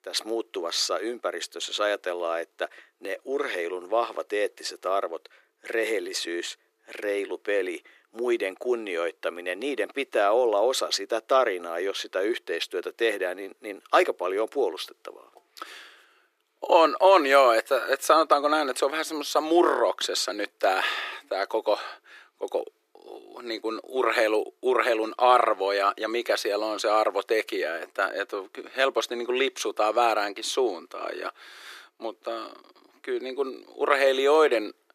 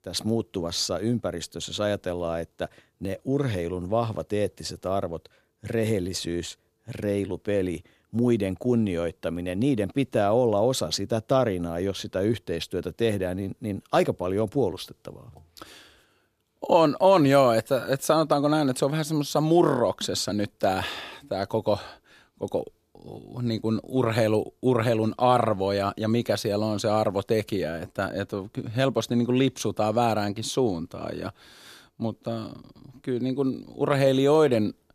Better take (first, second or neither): second